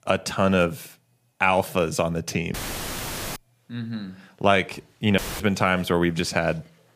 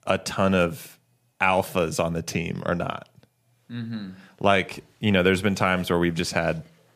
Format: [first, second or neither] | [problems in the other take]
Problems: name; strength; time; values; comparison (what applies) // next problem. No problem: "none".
second | audio cutting out; filled with static; at 2.5 s for 1 s and at 5 s